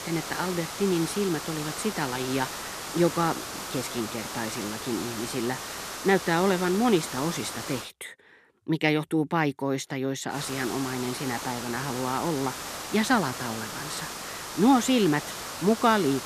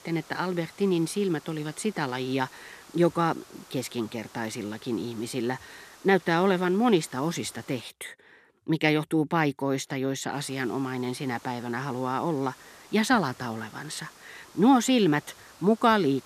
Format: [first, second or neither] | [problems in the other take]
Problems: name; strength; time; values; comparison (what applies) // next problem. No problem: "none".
second | hiss; loud; until 8 s and from 10 s on; 7 dB below the speech; faint in the second